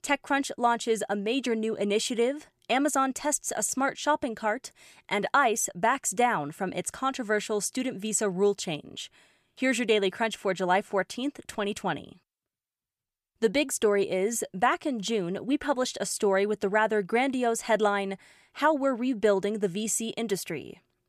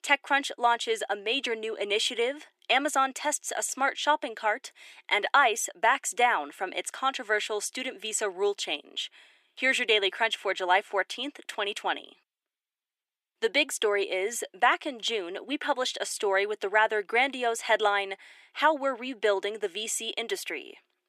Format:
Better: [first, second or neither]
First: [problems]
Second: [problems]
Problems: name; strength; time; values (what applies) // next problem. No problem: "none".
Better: first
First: none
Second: thin; somewhat; fading below 300 Hz